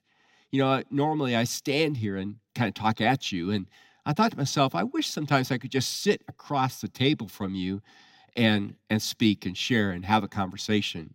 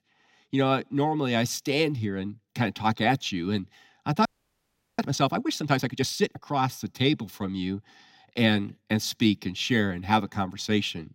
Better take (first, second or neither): first